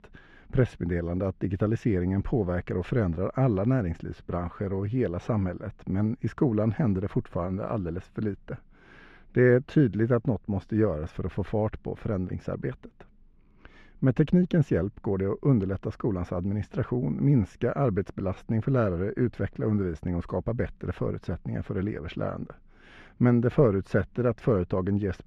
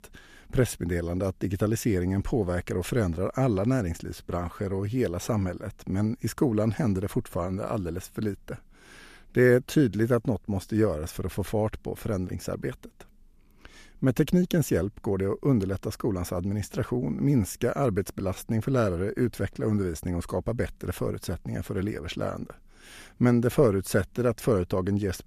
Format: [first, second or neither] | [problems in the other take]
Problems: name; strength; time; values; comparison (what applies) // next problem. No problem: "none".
second | muffled; very; fading above 2.5 kHz